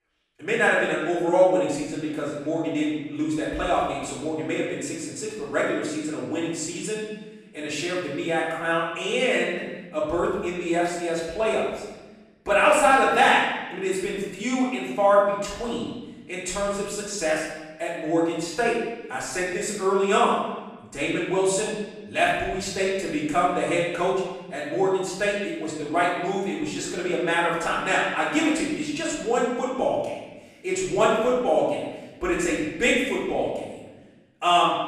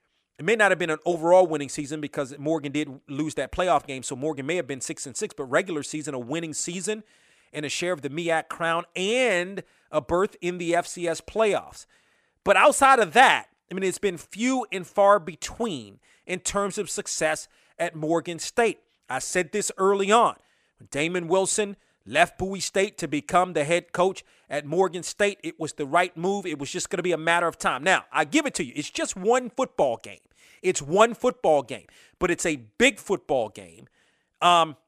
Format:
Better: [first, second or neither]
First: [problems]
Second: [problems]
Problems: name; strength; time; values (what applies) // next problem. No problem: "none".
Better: second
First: off-mic speech; far // room echo; noticeable; dies away in 1.1 s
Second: none